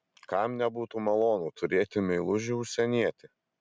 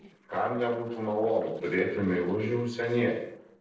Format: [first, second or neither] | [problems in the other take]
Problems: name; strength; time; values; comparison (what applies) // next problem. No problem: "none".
first | noise reduction (neural separator model SepFormer DNS4)